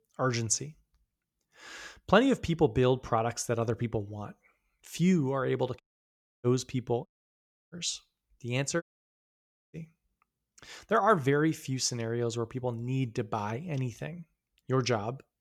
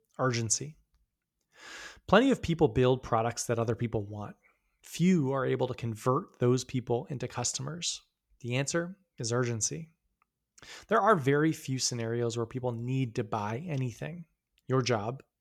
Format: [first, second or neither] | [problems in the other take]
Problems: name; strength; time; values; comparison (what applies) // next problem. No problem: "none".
second | audio cutting out; at 6 s for 0.5 s, at 7 s for 0.5 s and at 9 s for 1 s